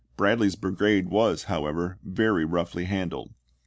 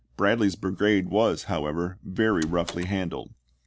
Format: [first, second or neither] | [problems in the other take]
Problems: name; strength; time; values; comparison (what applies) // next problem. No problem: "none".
first | background sound (Door); 16 dB below the speech